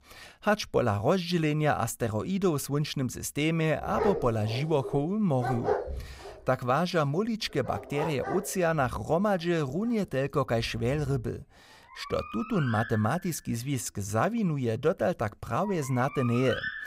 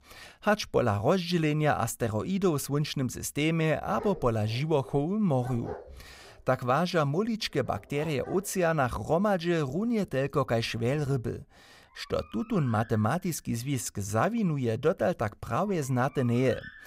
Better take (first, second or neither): second